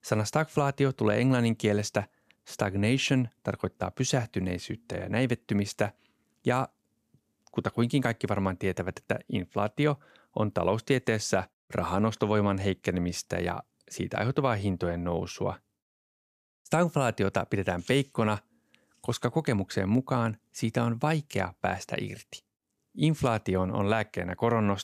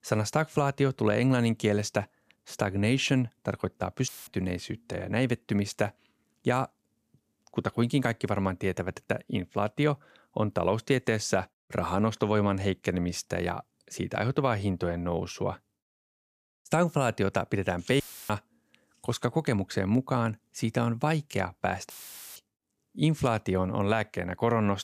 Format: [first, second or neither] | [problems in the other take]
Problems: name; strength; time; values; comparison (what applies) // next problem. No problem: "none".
first | audio cutting out; filled with static; at 4 s, at 18 s and at 22 s